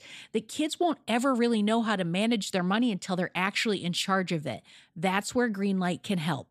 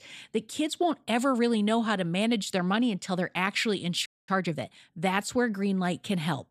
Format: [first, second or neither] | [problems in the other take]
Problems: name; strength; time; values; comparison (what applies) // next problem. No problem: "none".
first | audio freezing; at 4 s